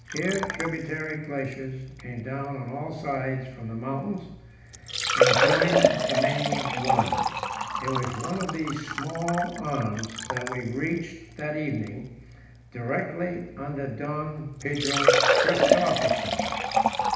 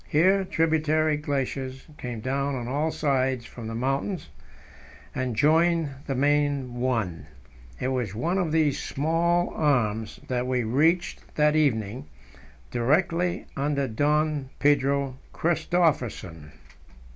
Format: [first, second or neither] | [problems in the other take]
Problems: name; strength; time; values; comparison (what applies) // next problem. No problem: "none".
second | background sound (Liquid); 3 dB above the speech // room echo; dies away in 0.8 s